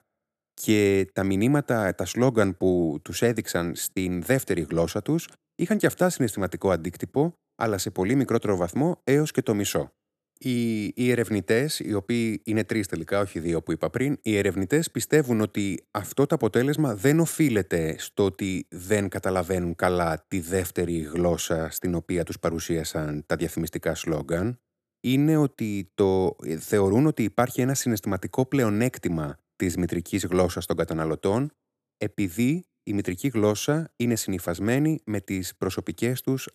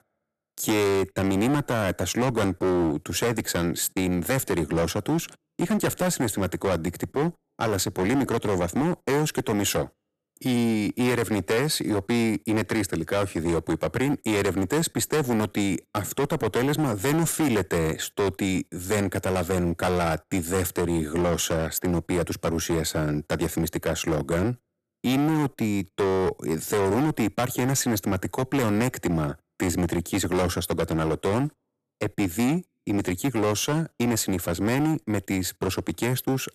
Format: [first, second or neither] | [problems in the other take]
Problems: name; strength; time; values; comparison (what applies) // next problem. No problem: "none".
first | distortion; heavy; 16% of the sound clipped